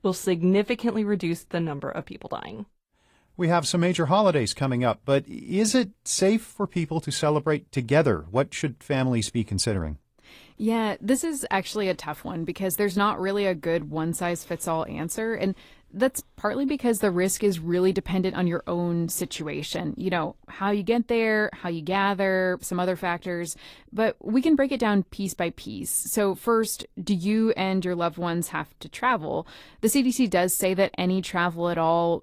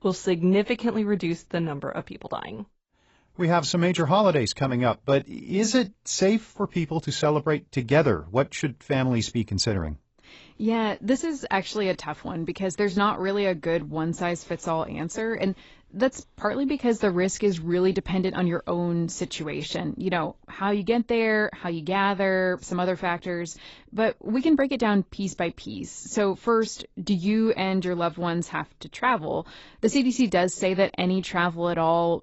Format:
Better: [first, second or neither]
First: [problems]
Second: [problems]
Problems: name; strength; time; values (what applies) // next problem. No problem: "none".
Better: first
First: garbled, watery; slightly; nothing above 14.5 kHz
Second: garbled, watery; badly; nothing above 8 kHz